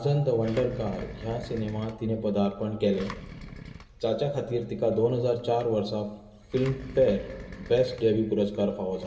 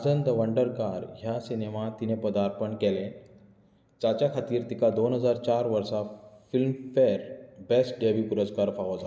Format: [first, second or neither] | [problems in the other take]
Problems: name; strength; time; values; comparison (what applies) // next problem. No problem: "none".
second | background sound (Engine); 17 dB below the speech // room echo; dies away in 0.6 s